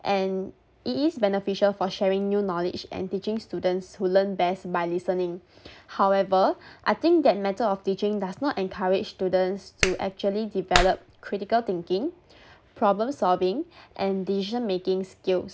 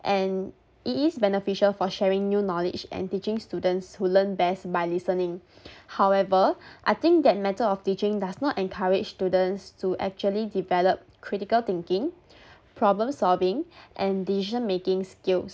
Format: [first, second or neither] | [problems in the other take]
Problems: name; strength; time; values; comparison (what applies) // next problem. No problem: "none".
second | background sound (Clapping); 4 dB below the speech